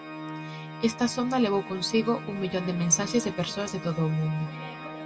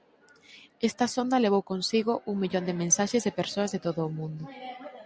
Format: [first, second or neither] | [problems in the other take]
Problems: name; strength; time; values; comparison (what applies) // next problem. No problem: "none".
second | background sound (Organ); 11 dB below the speech // room echo; dies away in 1.7 s